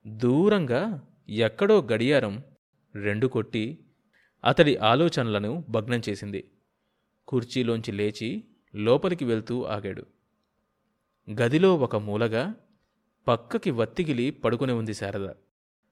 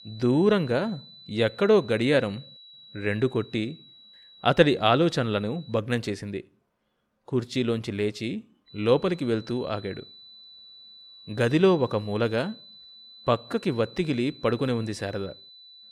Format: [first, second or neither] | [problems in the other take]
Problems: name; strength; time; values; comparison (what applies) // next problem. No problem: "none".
first | high-pitched whine; faint; until 5.5 s and from 8.5 s on; 4 kHz, 20 dB below the speech